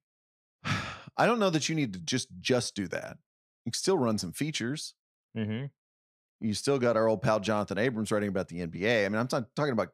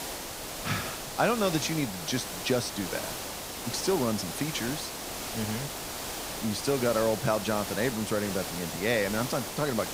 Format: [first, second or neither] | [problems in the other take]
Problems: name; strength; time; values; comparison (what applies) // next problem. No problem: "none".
first | hiss; loud; throughout; 5 dB below the speech